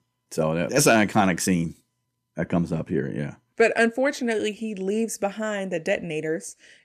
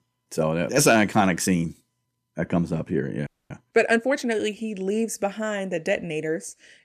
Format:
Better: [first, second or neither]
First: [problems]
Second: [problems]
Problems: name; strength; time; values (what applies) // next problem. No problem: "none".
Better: first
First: none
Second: audio freezing; at 3.5 s